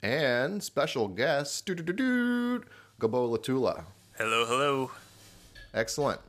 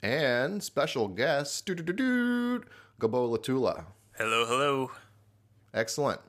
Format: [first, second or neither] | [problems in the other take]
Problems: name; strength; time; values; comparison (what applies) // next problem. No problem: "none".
second | household noises; faint; throughout; 25 dB below the speech